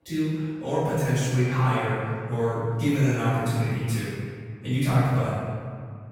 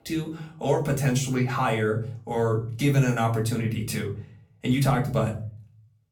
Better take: second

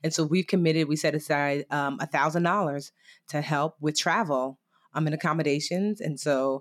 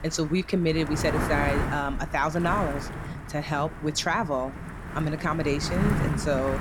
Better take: first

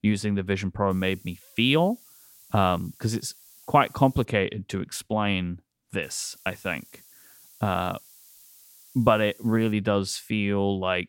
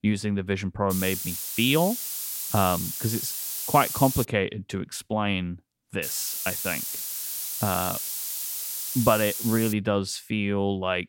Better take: first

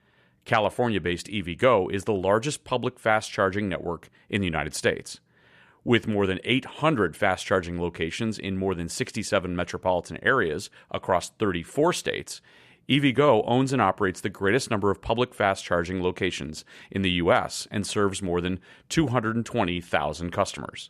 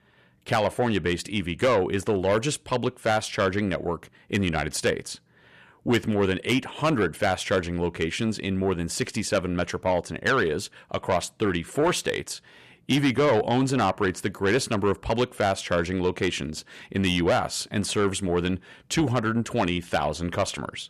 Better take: first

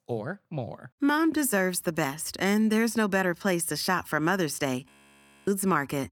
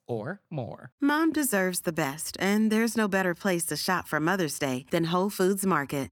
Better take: second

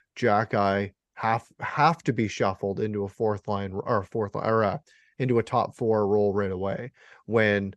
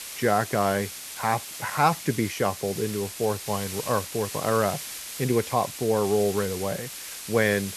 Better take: first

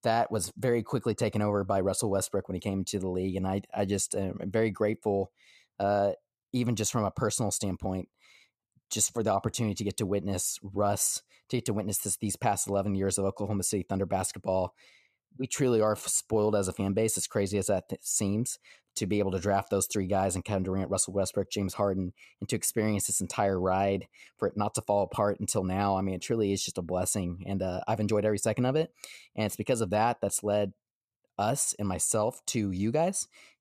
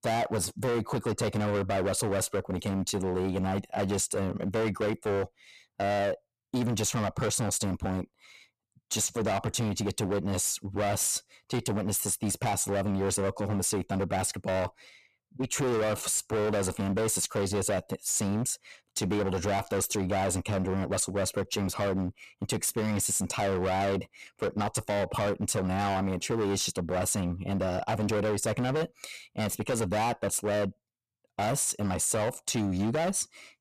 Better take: first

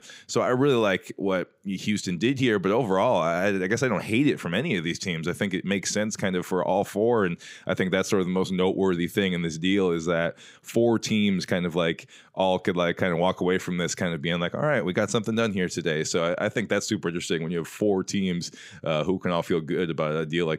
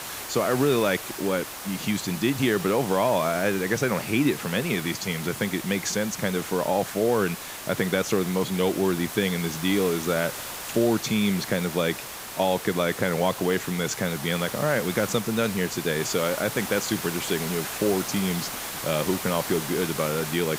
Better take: first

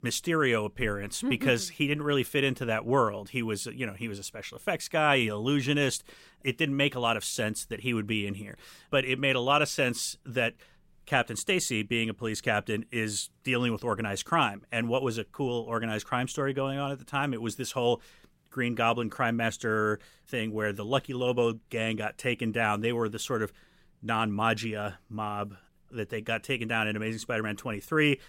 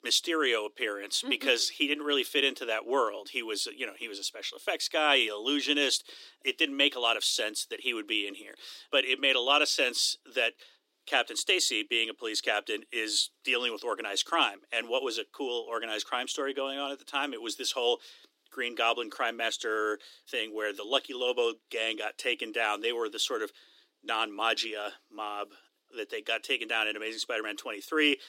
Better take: first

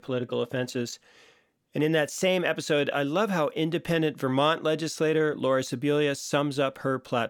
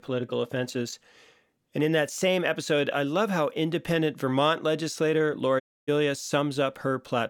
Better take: first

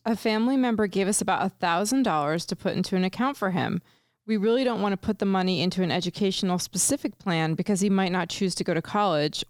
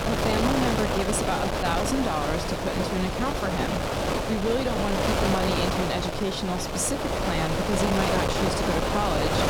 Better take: first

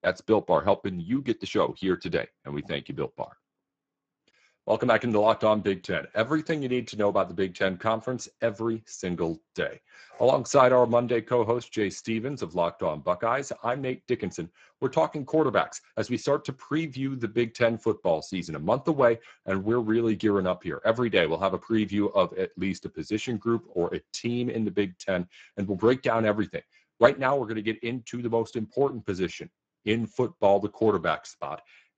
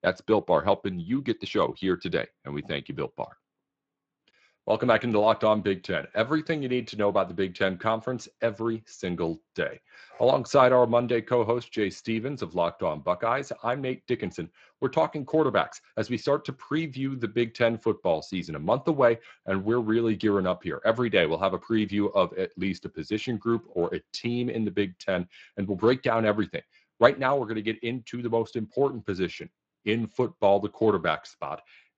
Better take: second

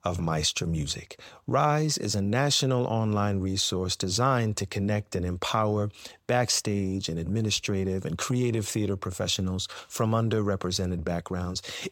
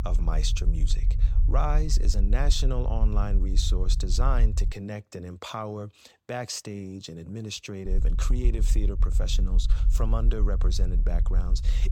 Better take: first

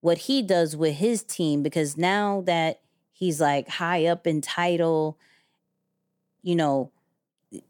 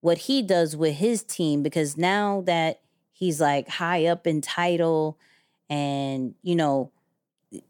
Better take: second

